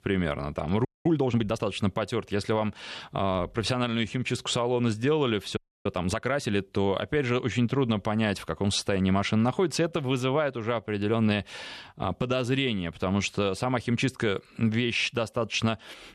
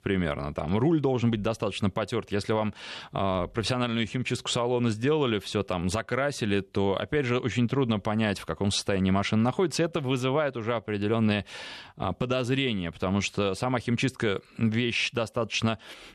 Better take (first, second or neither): second